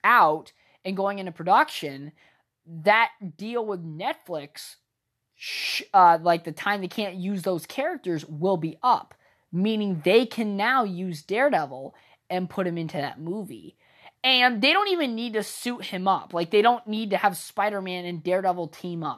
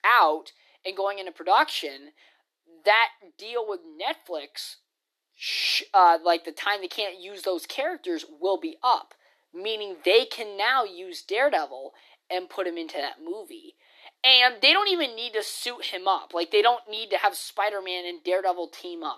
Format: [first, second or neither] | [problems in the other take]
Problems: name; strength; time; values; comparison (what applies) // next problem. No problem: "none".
first | thin; very; fading below 300 Hz